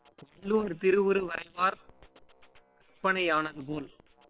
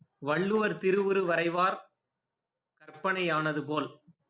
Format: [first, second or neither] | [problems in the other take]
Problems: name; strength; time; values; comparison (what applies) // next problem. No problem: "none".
second | noise reduction (neural separator model SepFormer WHAM!)